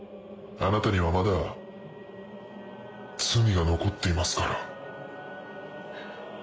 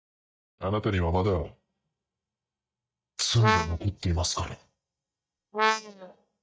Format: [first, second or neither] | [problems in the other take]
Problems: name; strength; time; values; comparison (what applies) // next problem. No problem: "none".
first | noise reduction (neural mask model DeepFilterNet 3)